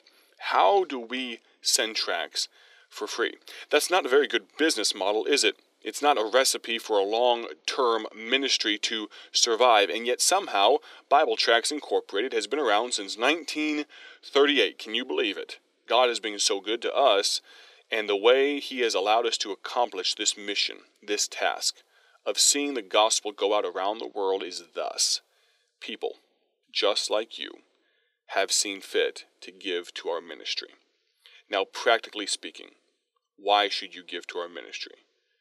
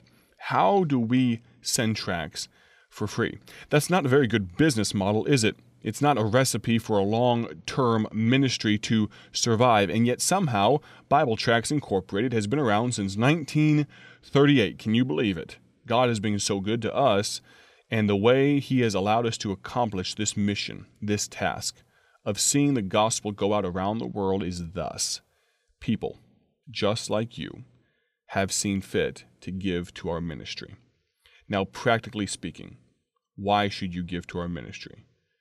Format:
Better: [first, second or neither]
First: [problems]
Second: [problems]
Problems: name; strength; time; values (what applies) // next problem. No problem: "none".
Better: second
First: thin; very; fading below 350 Hz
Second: none